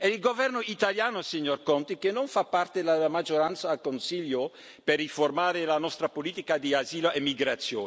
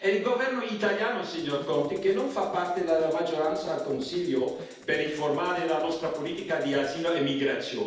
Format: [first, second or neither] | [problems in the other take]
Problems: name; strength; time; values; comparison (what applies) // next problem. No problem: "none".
first | noise reduction (neural separator model SepFormer DNS4)